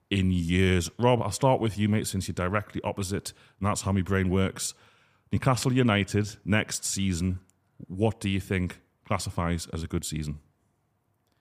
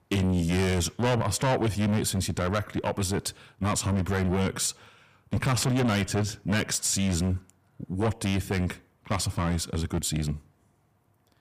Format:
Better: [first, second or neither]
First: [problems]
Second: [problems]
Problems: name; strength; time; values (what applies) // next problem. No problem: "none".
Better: first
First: none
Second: distortion; heavy; 6 dB below the speech